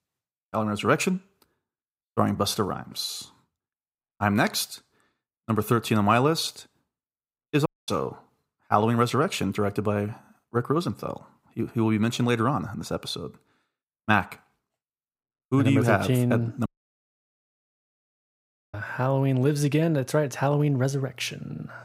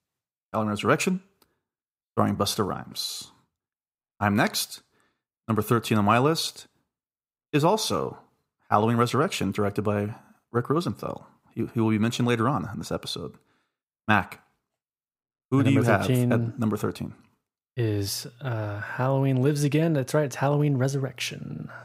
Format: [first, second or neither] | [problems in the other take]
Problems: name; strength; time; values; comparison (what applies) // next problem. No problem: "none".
second | audio cutting out; at 7.5 s and at 17 s for 2 s